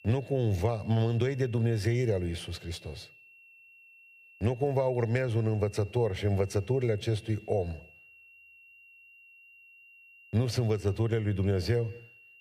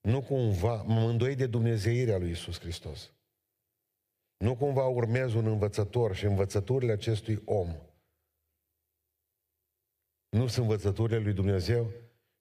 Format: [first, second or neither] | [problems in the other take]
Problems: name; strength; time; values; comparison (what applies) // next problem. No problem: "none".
second | high-pitched whine; faint; throughout; 2.5 kHz, 25 dB below the speech